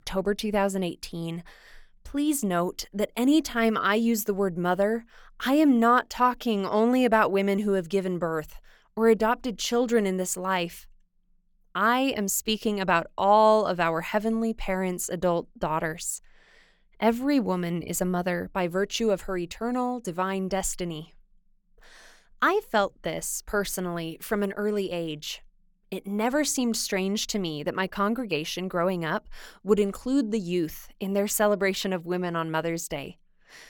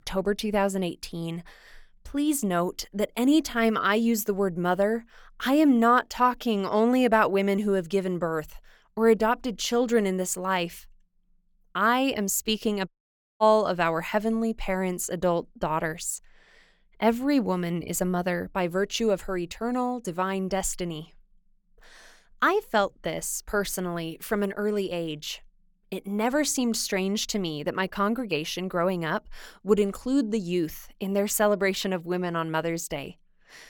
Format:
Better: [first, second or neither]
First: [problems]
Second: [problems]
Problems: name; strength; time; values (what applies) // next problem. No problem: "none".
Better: first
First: none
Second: audio cutting out; at 13 s for 0.5 s